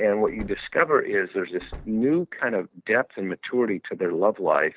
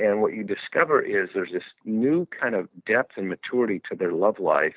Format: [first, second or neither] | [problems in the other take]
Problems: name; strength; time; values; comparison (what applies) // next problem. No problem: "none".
second | background sound (Slam); 20 dB below the speech